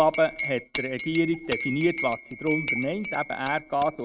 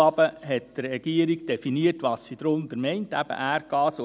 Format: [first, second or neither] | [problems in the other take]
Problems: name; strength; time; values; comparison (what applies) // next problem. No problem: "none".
second | noise reduction (neural mask model RNNoise)